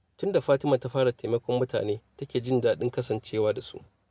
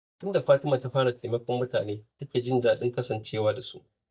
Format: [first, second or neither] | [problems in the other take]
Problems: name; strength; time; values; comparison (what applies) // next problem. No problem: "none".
first | noise reduction (neural mask model DeepFilterNet 3)